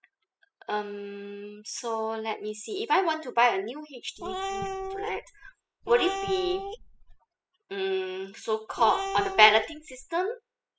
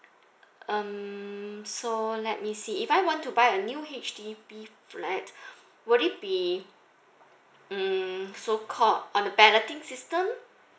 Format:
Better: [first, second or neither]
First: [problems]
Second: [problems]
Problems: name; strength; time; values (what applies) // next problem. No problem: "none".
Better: second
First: noise reduction (classical method spectral subtraction)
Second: none